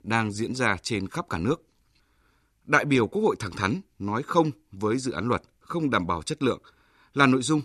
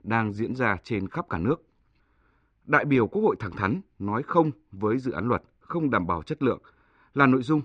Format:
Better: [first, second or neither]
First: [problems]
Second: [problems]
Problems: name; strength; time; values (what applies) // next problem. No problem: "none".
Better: first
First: none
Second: muffled; very; fading above 2 kHz